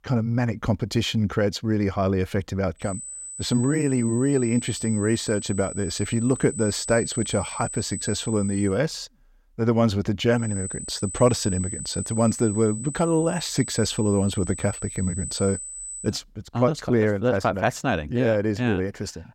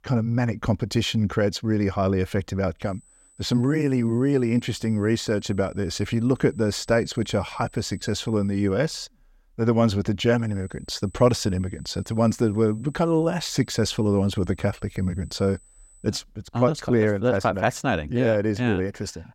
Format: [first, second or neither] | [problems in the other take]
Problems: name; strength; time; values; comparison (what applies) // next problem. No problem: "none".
second | high-pitched whine; loud; from 3 to 8.5 s and from 10 to 16 s; 8 kHz, 8 dB below the speech; faint in the second